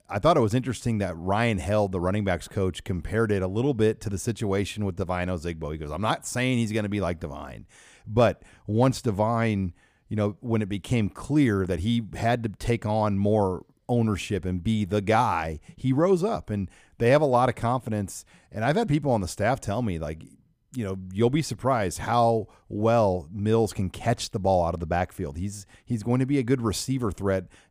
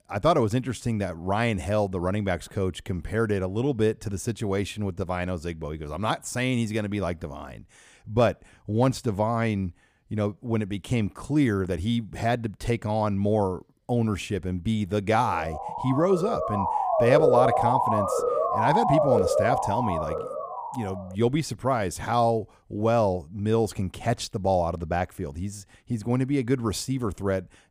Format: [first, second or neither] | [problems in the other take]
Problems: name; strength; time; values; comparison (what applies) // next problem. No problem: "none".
first | siren; loud; from 15 to 21 s; peak 6 dB above the speech